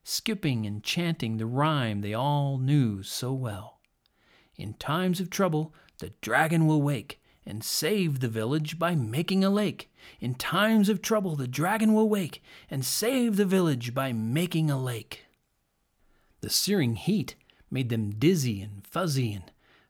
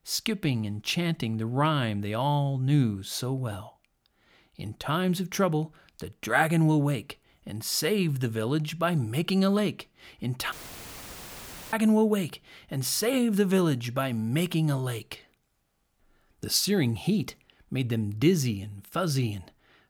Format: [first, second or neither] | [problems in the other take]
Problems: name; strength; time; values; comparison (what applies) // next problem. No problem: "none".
first | audio cutting out; filled with static; at 11 s for 1 s